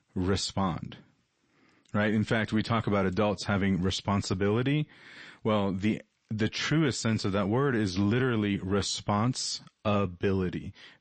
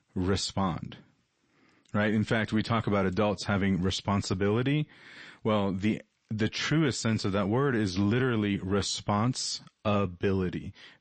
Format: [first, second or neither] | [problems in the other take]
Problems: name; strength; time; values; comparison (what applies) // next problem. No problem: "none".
neither | garbled, watery; slightly; nothing above 8 kHz; the same in both